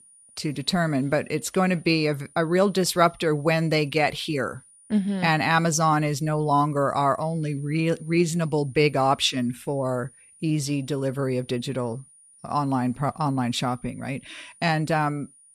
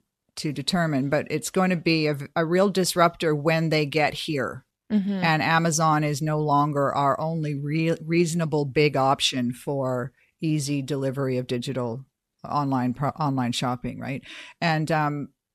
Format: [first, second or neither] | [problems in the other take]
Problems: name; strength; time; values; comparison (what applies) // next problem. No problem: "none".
second | high-pitched whine; faint; throughout; 9.5 kHz, 25 dB below the speech